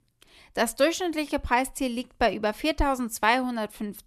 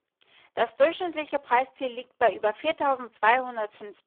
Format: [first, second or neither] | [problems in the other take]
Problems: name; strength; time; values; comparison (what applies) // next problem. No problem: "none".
first | phone-call audio; poor line